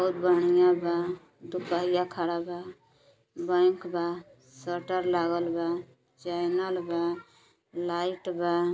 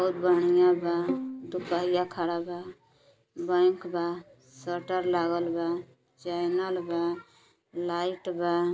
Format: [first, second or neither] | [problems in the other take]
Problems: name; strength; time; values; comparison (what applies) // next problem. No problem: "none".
first | background sound (Bowed string instrument); 10 dB below the speech